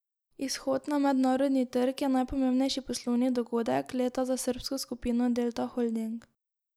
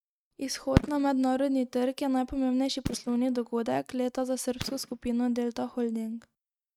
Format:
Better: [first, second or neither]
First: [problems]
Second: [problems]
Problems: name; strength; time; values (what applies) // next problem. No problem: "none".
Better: first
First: none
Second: noise reduction (neural mask model RNNoise)